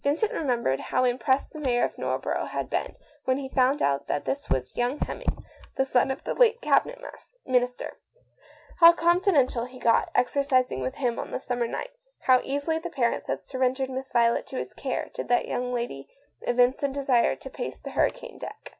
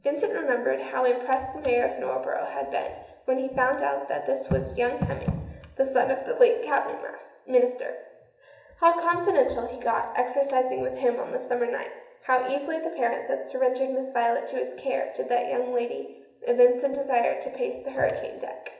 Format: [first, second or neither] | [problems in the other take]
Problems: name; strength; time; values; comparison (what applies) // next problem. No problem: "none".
first | room echo; dies away in 0.8 s